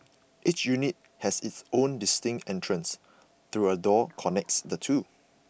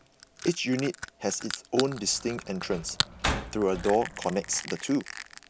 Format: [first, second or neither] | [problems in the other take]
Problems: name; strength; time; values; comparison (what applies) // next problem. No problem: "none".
first | background sound (Crushing + Slam); 7 dB below the speech